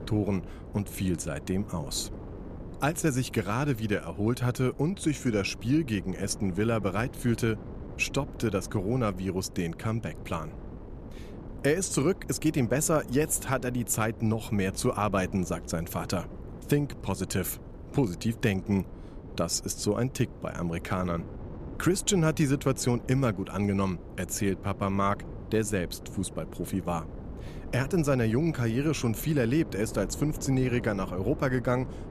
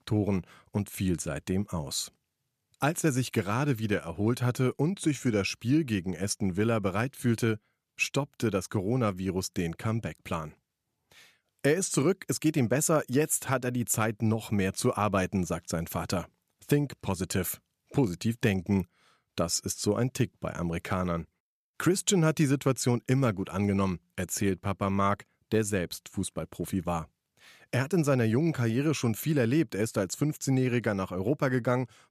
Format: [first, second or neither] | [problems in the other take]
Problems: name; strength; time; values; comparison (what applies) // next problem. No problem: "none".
second | wind noise on the microphone; occasional gusts; 15 dB below the speech